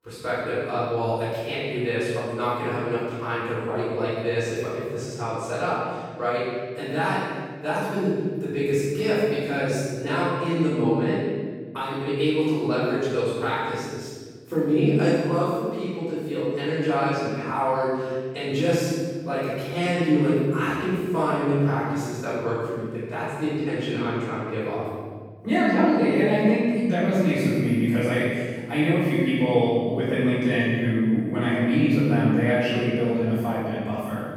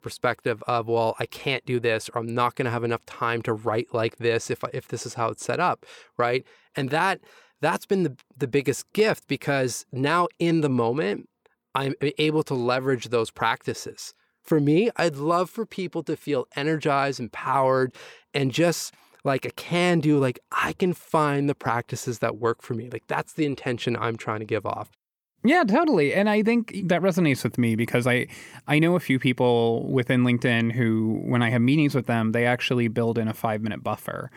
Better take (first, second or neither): second